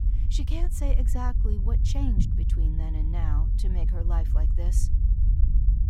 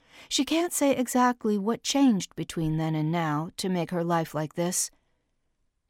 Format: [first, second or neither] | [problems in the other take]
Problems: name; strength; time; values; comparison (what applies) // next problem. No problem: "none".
second | low rumble; loud; throughout; 4 dB below the speech